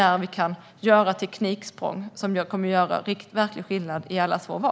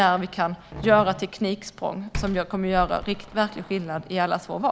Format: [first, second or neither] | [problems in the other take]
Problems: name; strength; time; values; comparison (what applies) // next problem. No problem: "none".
first | background sound (Slam); 14 dB below the speech